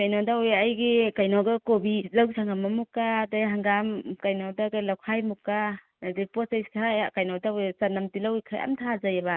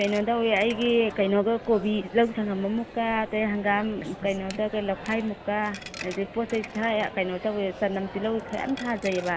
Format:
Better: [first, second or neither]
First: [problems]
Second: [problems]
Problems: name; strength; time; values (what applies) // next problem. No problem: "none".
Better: first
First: none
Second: background sound (Coin (dropping)); 14 dB below the speech